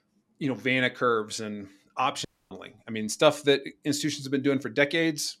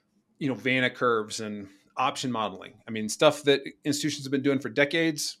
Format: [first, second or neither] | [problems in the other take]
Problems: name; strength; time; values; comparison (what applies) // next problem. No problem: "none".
second | audio cutting out; at 2.5 s